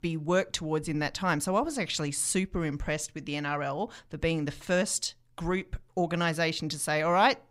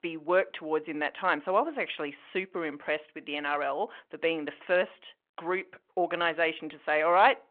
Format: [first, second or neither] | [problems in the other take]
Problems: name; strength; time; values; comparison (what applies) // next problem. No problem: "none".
first | phone-call audio